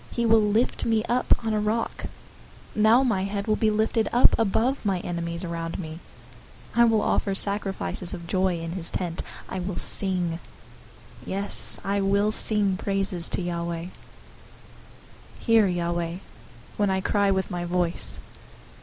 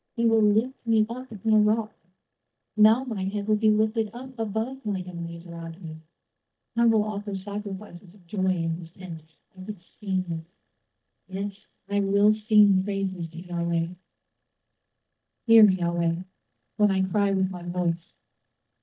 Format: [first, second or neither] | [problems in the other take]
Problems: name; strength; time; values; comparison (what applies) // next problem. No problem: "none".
first | noise reduction (neural mask model DeepFilterNet 3)